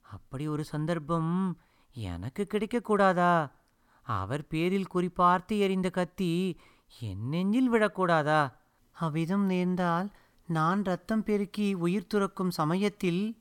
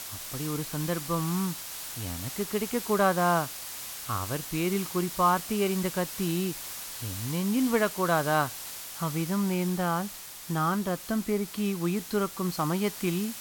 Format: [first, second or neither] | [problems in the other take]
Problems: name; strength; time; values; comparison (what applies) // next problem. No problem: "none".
first | hiss; loud; throughout; 8 dB below the speech